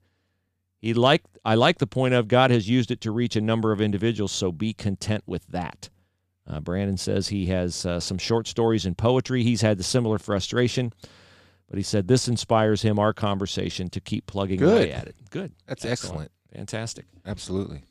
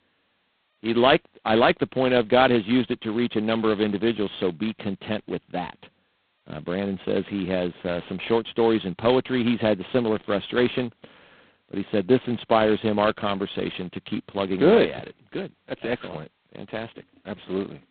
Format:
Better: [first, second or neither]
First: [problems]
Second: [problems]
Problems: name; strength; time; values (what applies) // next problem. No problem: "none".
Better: first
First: none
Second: phone-call audio; poor line; nothing above 4 kHz